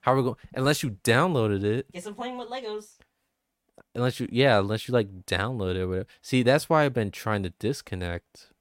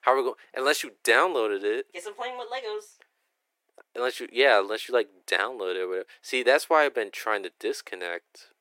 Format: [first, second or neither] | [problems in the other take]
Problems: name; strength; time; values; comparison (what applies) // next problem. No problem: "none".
first | thin; very; fading below 350 Hz